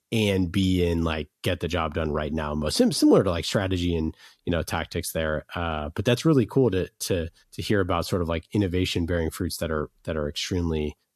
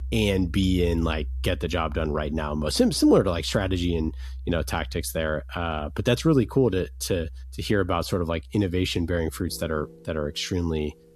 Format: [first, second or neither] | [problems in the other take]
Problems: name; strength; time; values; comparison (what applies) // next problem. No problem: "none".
first | background music; noticeable; throughout; 15 dB below the speech